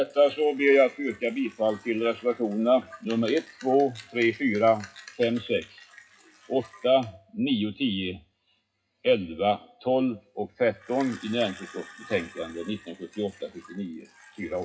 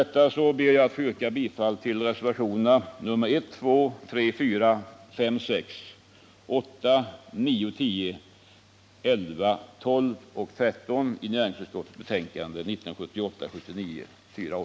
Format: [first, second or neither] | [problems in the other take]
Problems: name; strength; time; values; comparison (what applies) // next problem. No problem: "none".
second | noise reduction (classical method WPE with log-MMSE)